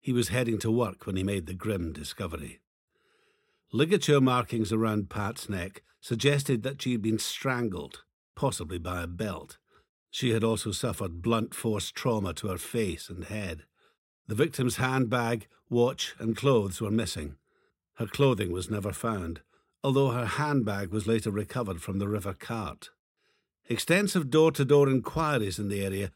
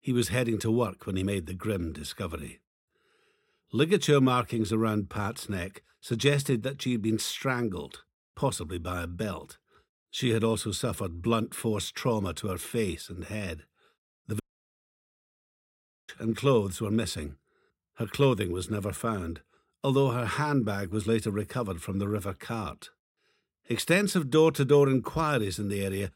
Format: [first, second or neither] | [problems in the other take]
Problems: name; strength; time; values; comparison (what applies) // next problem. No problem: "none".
first | audio cutting out; at 14 s for 1.5 s